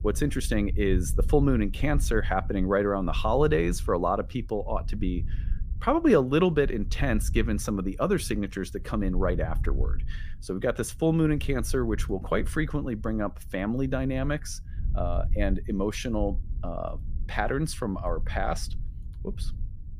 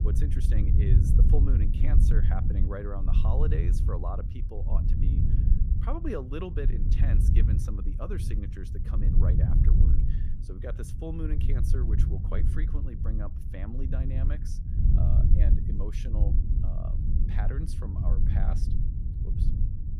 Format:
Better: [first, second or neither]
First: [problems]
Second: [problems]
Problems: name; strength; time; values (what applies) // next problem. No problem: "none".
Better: first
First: low rumble; faint; throughout; 25 dB below the speech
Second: low rumble; loud; throughout; 1 dB below the speech